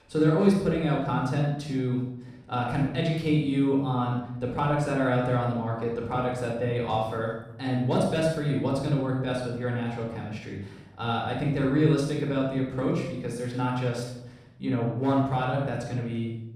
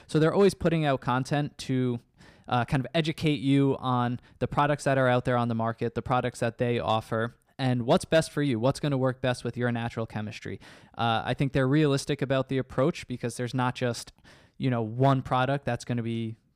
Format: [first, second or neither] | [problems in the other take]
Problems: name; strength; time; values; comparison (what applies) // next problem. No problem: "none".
second | off-mic speech; far // room echo; noticeable; dies away in 0.7 s